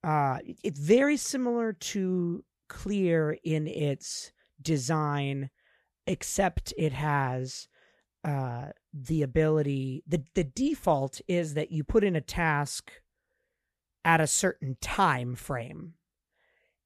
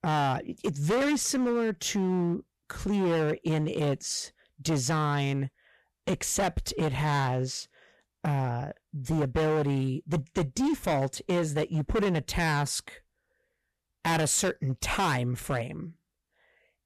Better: first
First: none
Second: distortion; heavy; 14% of the sound clipped

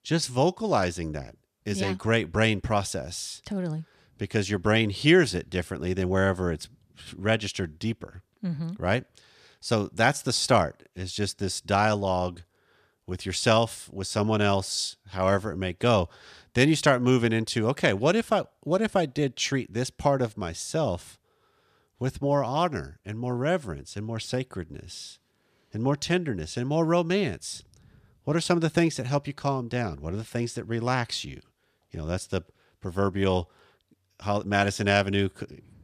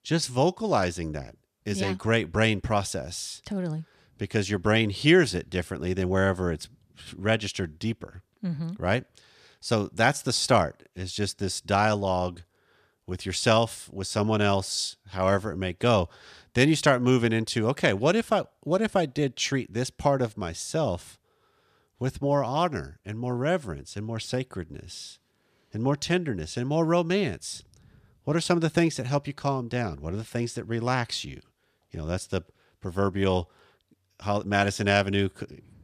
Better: neither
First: none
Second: none

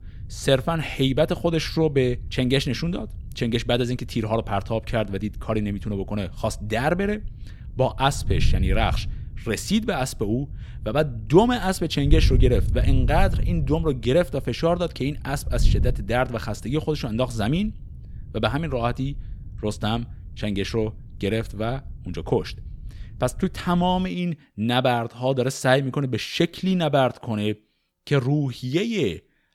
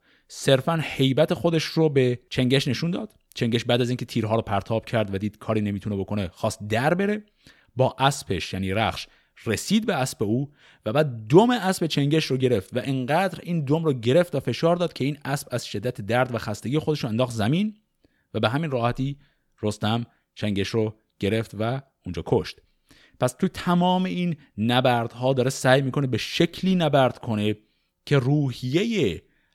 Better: second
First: wind noise on the microphone; occasional gusts; until 24 s; 20 dB below the speech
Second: none

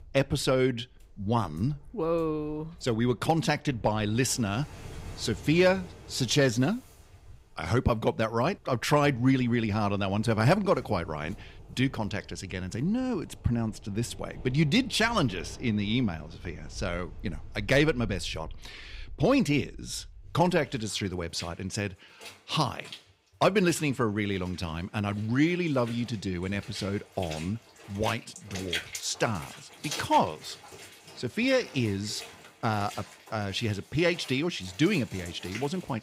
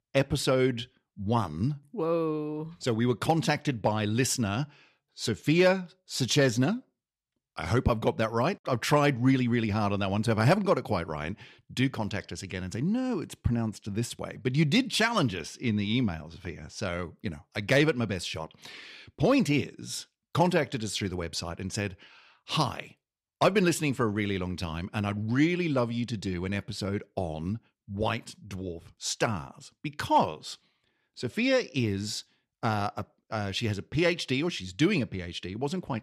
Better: second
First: rain or running water; noticeable; throughout; 15 dB below the speech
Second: none

